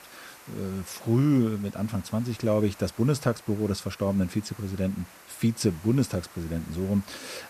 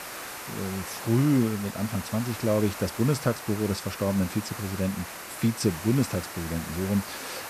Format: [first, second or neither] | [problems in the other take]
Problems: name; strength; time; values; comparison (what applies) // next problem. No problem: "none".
first | hiss; loud; throughout; 9 dB below the speech; faint in the first